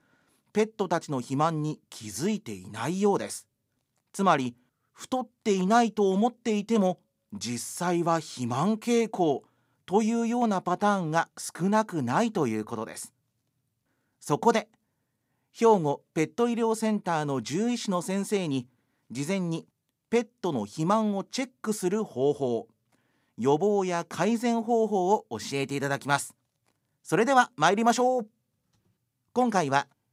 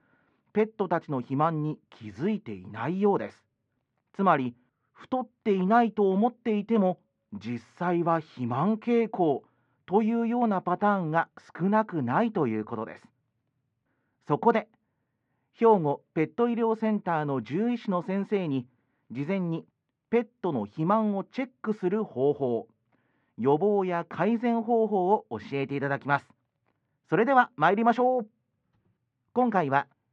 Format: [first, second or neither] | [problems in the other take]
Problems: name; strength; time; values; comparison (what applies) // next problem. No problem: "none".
first | muffled; very; fading above 2.5 kHz